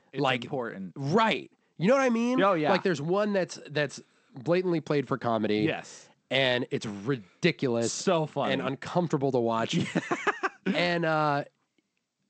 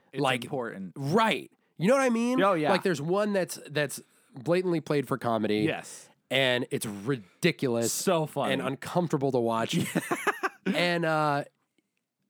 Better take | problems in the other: second | garbled, watery; slightly; nothing above 8 kHz

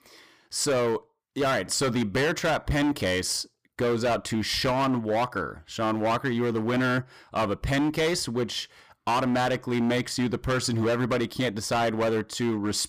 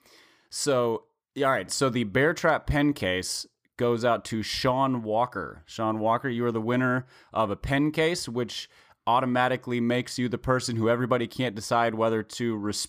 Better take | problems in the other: second | distortion; heavy; 16% of the sound clipped

